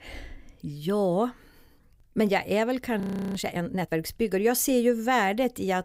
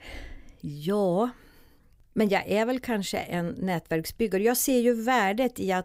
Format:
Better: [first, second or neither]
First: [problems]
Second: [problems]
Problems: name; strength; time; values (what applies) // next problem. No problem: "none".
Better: second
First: audio freezing; at 3 s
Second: none